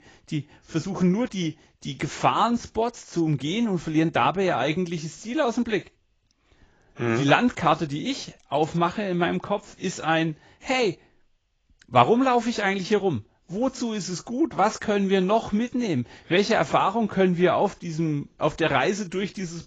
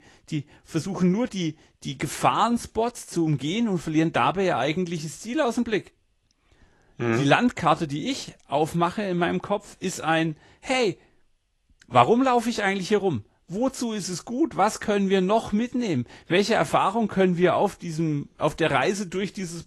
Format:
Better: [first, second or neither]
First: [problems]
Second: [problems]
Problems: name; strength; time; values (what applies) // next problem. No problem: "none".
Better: second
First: garbled, watery; badly; nothing above 7.5 kHz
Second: garbled, watery; slightly; nothing above 11.5 kHz